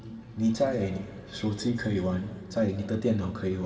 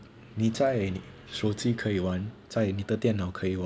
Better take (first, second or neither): second